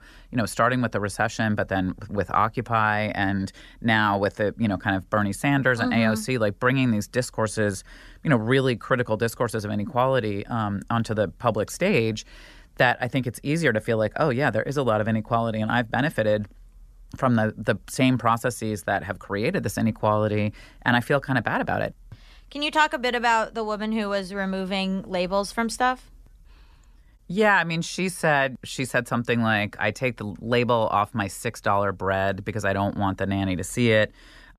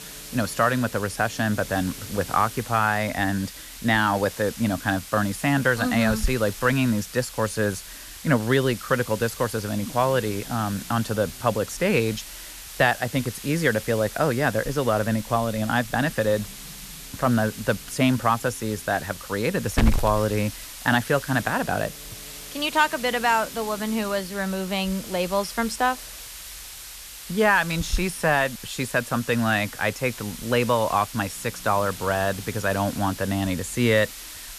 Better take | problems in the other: first | hiss; noticeable; throughout; 10 dB below the speech

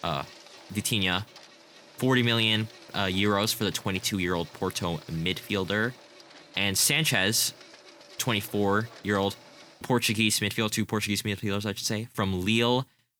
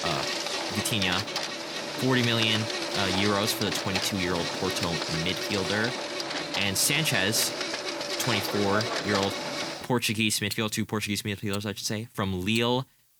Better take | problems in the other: first | household noises; loud; throughout; 3 dB below the speech; faint in the first

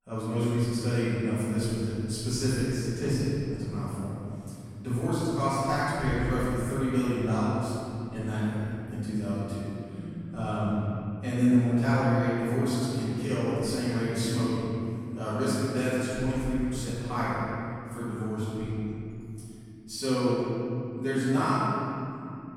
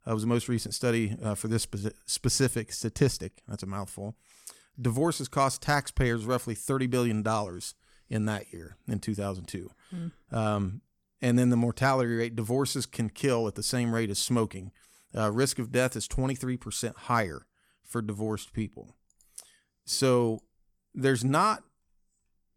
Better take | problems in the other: second | off-mic speech; far // room echo; strong; dies away in 3 s

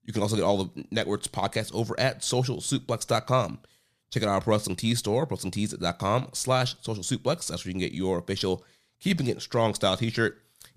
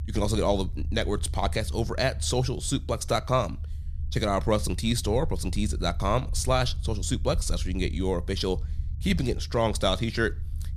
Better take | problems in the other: first | low rumble; faint; throughout; 25 dB below the speech

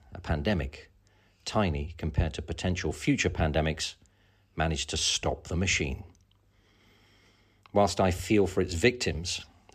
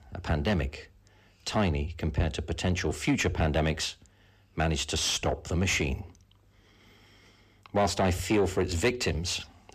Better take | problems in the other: first | distortion; slight; 10 dB below the speech

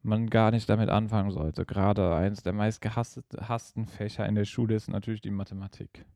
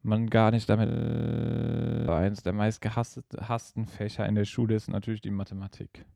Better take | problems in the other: first | audio freezing; at 1 s for 1 s

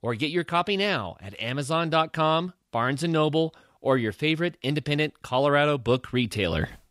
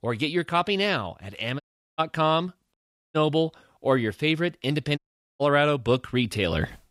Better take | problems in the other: first | audio cutting out; at 1.5 s, at 2.5 s and at 5 s

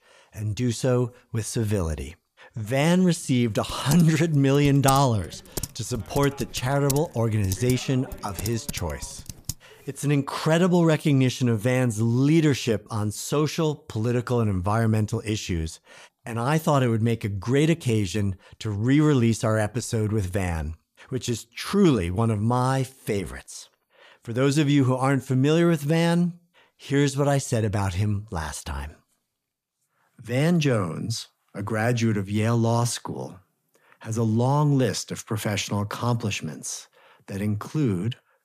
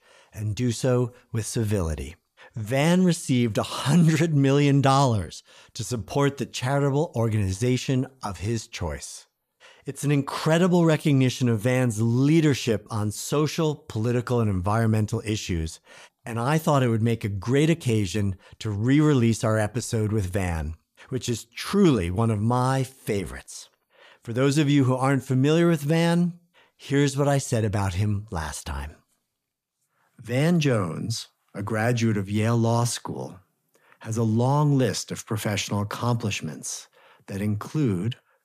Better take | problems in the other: second | keyboard typing; noticeable; from 3.5 to 9.5 s; peak 7 dB below the speech

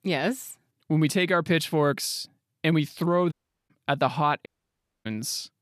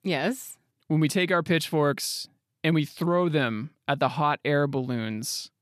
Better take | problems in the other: second | audio cutting out; at 3.5 s and at 4.5 s for 0.5 s

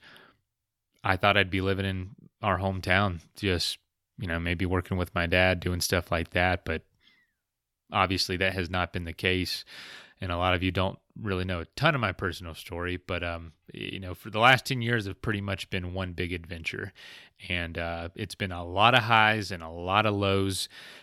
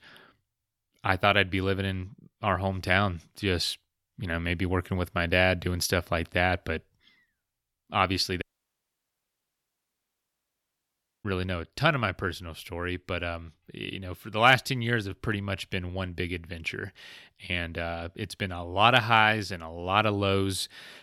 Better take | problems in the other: first | audio cutting out; at 8.5 s for 3 s

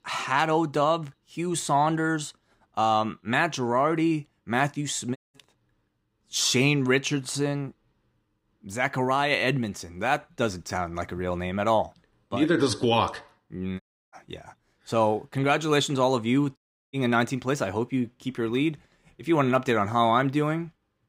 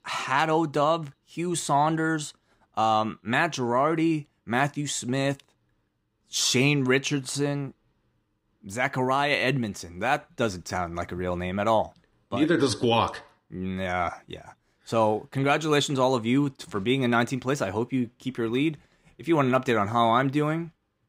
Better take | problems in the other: second | audio cutting out; at 5 s, at 14 s and at 17 s

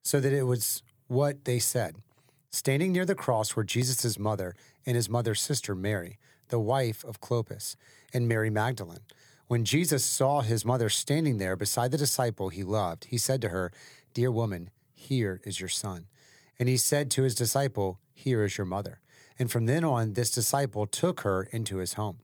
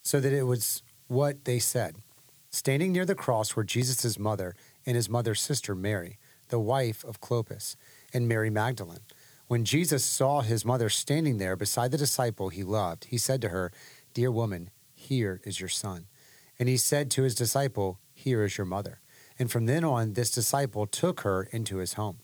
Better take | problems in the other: first | hiss; faint; throughout; 30 dB below the speech

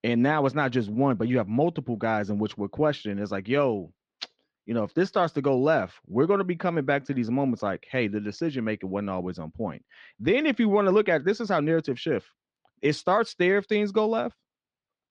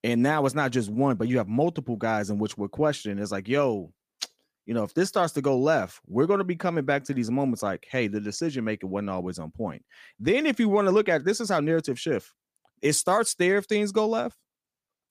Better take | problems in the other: second | muffled; slightly; fading above 4.5 kHz

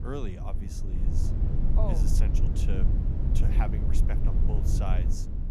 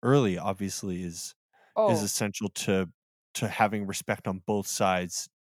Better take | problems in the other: second | low rumble; loud; throughout; 1 dB below the speech

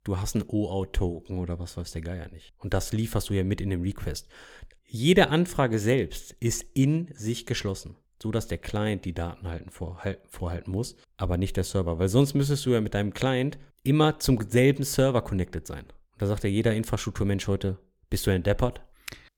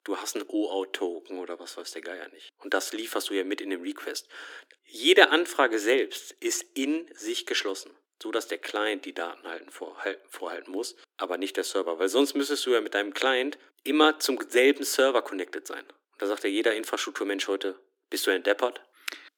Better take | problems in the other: first | thin; somewhat; fading below 300 Hz

